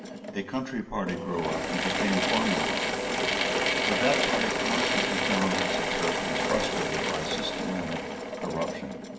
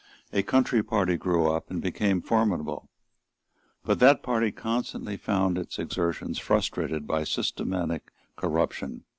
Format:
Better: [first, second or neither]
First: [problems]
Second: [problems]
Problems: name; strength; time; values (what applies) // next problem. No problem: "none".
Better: second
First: background sound (Drill / Mechanisms); 4 dB above the speech // room echo; dies away in 0.9 s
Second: none